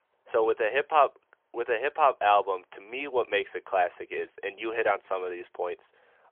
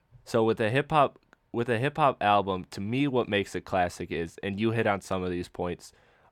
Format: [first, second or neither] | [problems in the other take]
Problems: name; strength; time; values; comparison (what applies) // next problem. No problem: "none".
second | phone-call audio; poor line; nothing above 3.5 kHz